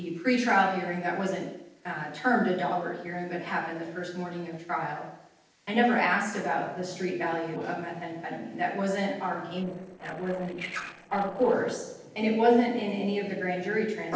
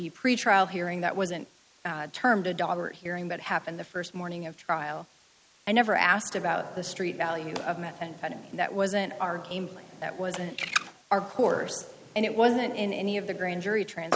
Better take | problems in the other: second | noise reduction (neural separator model SepFormer DNS4)

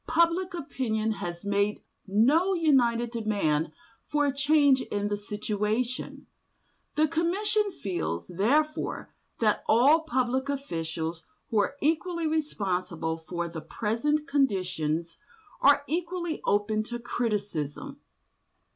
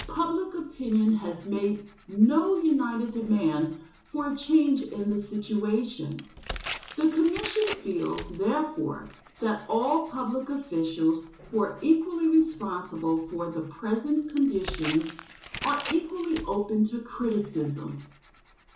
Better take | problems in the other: first | background sound (Tearing); 17 dB below the speech // room echo; dies away in 0.7 s

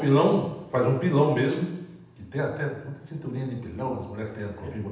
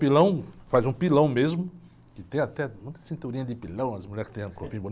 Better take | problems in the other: second | room echo; dies away in 0.9 s

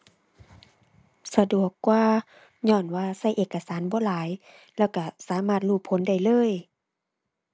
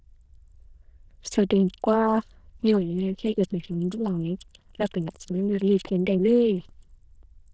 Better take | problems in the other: first | noise reduction (neural diffusion model UNIVERSE++)

